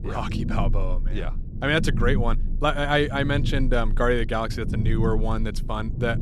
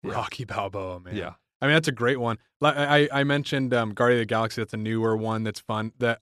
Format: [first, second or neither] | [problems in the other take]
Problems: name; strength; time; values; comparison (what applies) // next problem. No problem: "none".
second | low rumble; noticeable; throughout; 15 dB below the speech